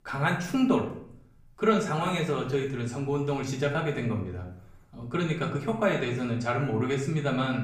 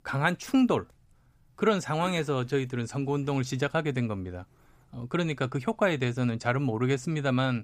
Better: second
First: room echo; slight; dies away in 0.5 s // off-mic speech; far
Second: none

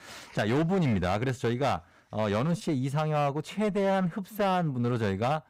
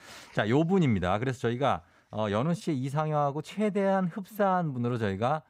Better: second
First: distortion; slight; 14% of the sound clipped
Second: none

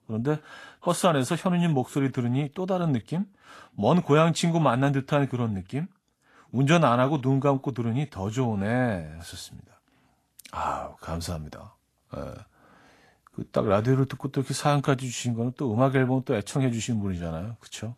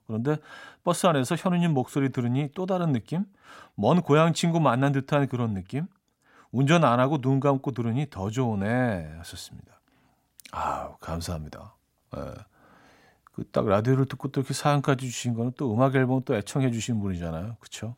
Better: second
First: garbled, watery; slightly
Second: none

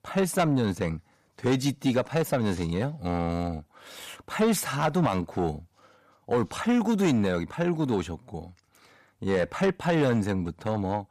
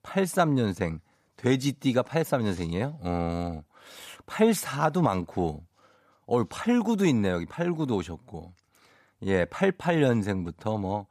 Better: second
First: distortion; slight; 10 dB below the speech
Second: none

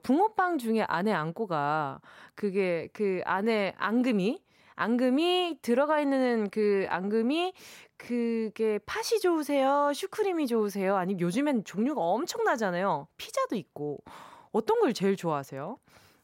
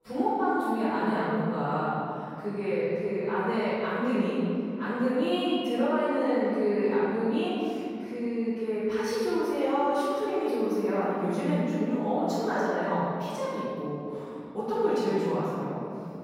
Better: first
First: none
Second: room echo; strong; dies away in 2.9 s // off-mic speech; far

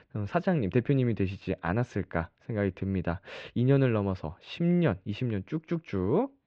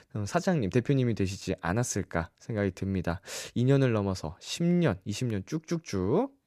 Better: second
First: muffled; very; fading above 3 kHz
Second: none

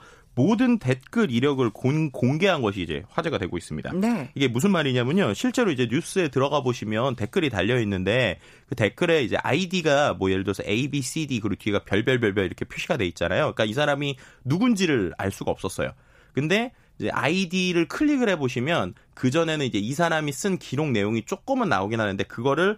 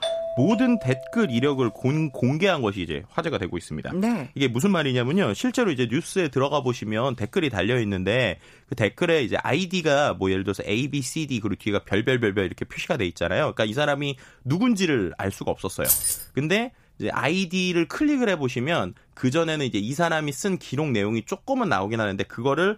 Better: first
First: none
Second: doorbell; noticeable; until 1.5 s; peak 3 dB below the speech // jangling keys; loud; at 16 s; peak 4 dB above the speech

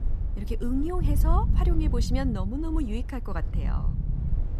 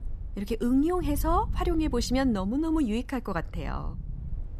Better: second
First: low rumble; loud; throughout; 10 dB below the speech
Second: low rumble; faint; throughout; 25 dB below the speech

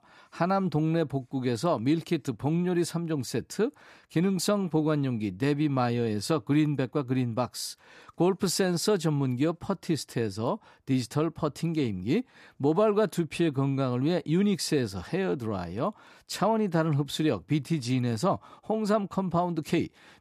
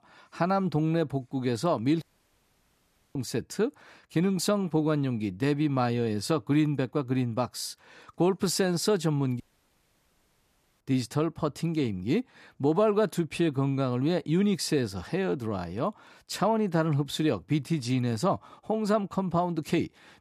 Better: first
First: none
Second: audio cutting out; at 2 s for 1 s and at 9.5 s for 1.5 s

